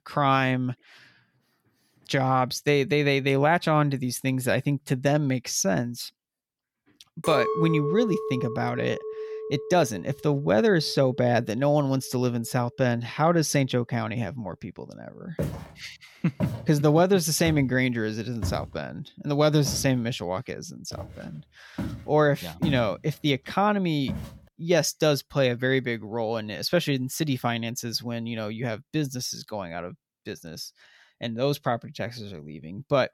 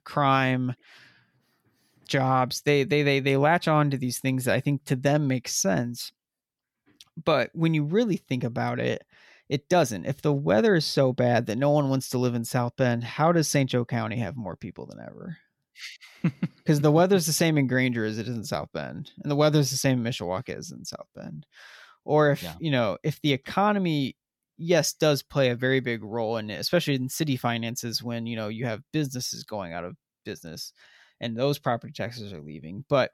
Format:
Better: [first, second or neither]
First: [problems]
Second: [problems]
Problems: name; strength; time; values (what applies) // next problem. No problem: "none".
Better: second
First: clattering dishes; noticeable; from 7 to 11 s; peak 2 dB below the speech // footsteps; noticeable; from 15 to 24 s; peak 6 dB below the speech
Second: none